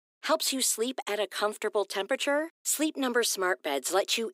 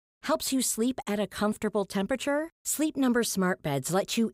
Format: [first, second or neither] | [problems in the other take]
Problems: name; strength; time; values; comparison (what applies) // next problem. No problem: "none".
second | thin; somewhat; fading below 300 Hz